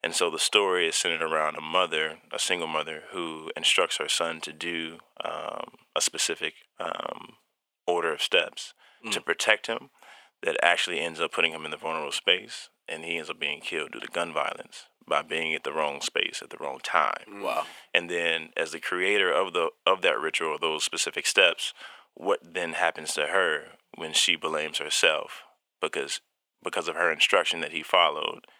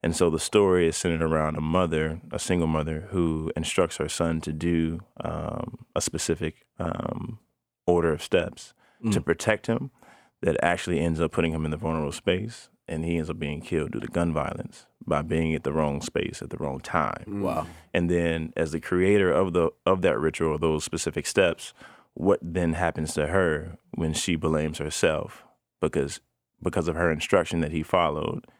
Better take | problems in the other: second | thin; very; fading below 650 Hz

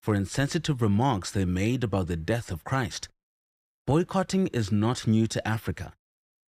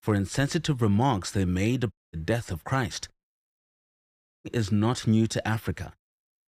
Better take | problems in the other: first | audio cutting out; at 2 s and at 3.5 s for 1 s

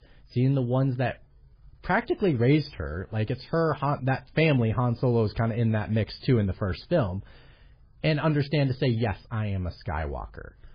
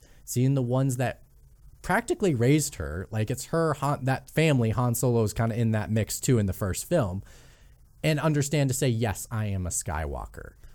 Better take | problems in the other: second | garbled, watery; badly; nothing above 5 kHz

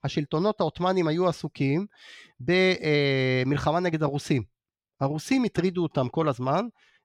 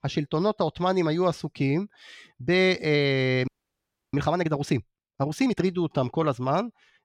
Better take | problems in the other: first | audio freezing; at 3.5 s for 0.5 s

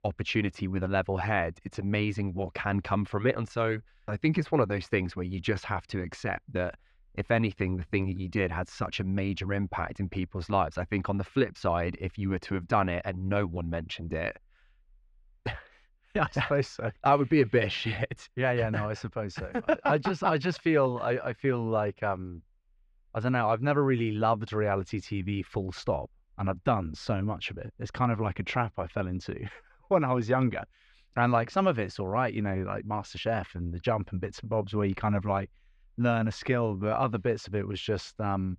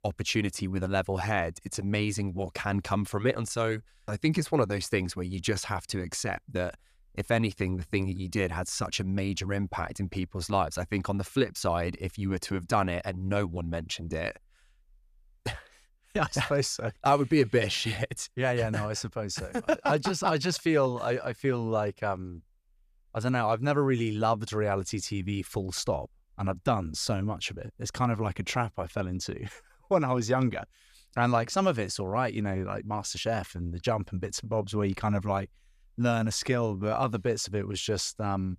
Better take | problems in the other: second | muffled; slightly; fading above 2.5 kHz

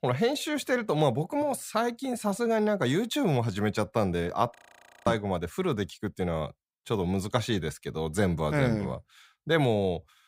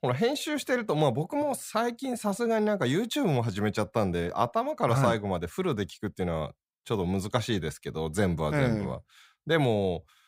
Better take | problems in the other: second | audio freezing; at 4.5 s for 0.5 s

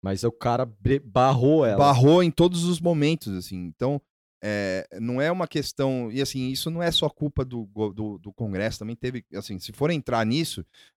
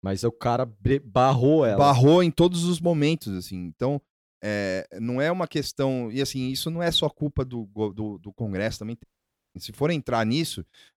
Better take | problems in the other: first | audio cutting out; at 9 s for 0.5 s

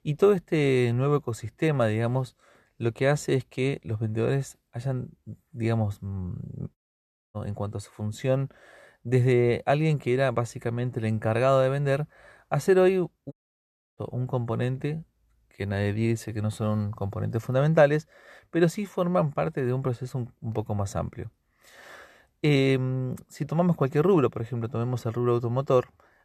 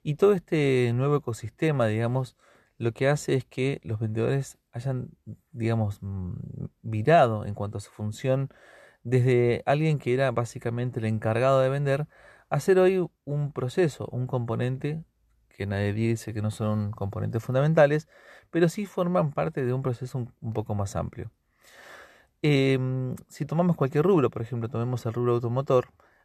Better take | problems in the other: second | audio cutting out; at 7 s for 0.5 s and at 13 s for 0.5 s

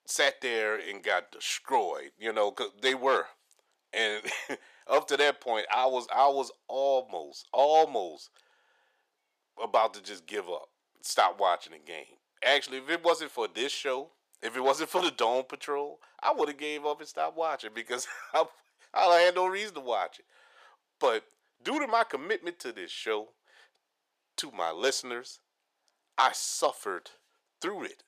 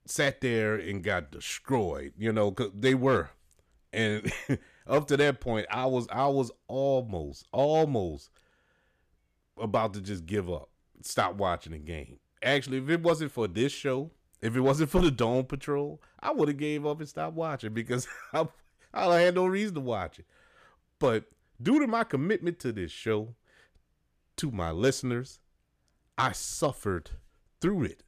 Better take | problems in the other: second | thin; very; fading below 450 Hz

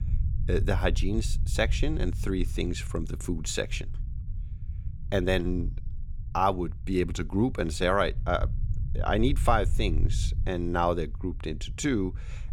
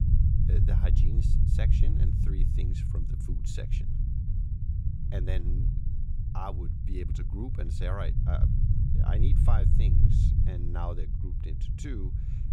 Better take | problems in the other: first | low rumble; loud; throughout; as loud as the speech; faint in the first

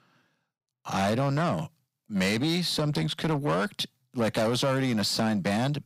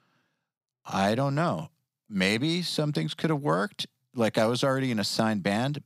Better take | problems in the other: second | distortion; slight; 10 dB below the speech

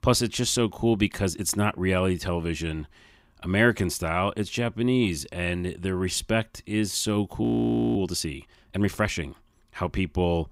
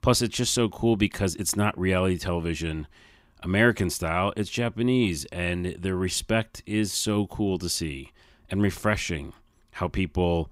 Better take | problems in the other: second | audio freezing; at 7.5 s for 0.5 s

